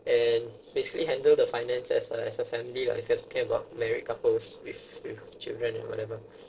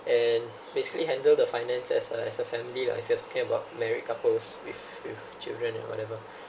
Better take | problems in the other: second | noise reduction (neural separator model SepFormer DNS4)

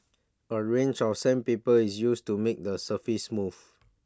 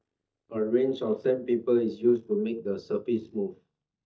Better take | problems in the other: first | noise reduction (neural mask model DeepFilterNet 3)

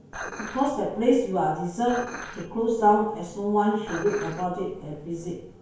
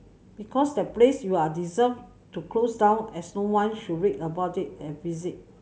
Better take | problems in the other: second | background sound (Dishes, pots, and pans); 15 dB below the speech // room echo; dies away in 0.5 s

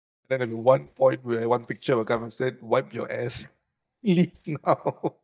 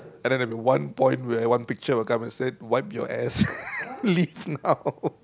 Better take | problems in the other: second | noise reduction (neural mask model DeepFilterNet 3)

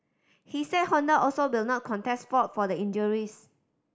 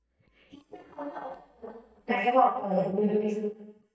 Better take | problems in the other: first | noise reduction (neural mask model DeepFilterNet 3)

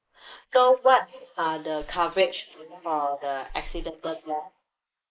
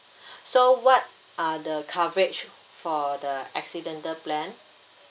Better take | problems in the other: second | noise reduction (neural mask model Resemble Enhance denoiser)

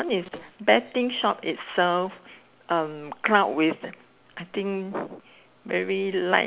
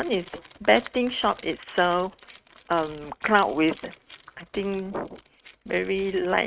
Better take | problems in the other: first | noise reduction (neural mask model RNNoise)

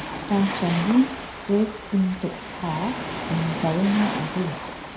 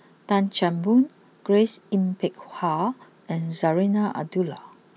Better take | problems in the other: second | background sound (Waves, surf); 7 dB below the speech // room echo; dies away in 0.5 s

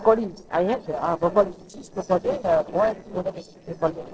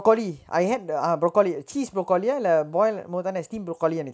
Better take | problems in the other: second | noise reduction (neural separator model SepFormer DNS4)

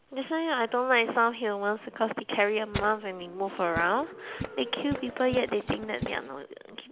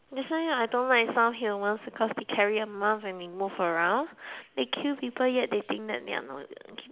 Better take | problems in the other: second | background sound (Tools); 10 dB below the speech

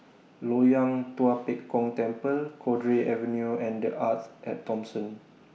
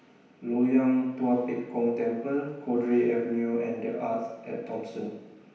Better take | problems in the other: first | room echo; dies away in 0.9 s

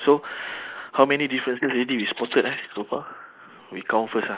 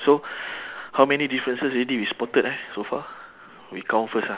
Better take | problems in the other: second | noise reduction (neural mask model Resemble Enhance denoiser)

